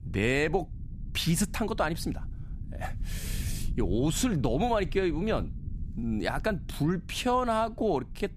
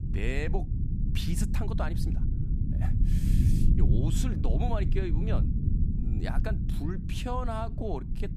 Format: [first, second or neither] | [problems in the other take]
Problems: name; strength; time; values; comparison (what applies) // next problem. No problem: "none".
first | low rumble; loud; throughout; 5 dB below the speech; faint in the first